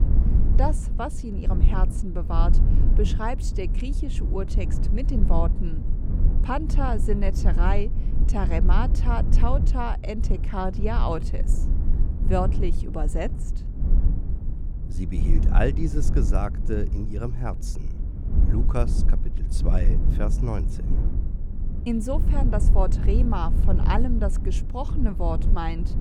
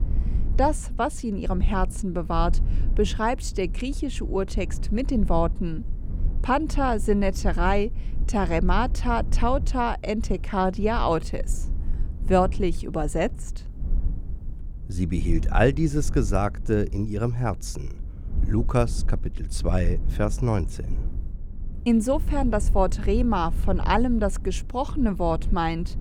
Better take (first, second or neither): second